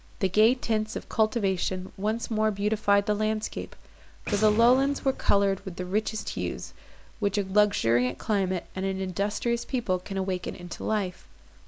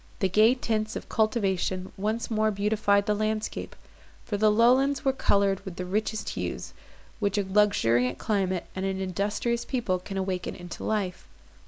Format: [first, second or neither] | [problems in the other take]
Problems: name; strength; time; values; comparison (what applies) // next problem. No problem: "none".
second | background sound (Boom); 16 dB below the speech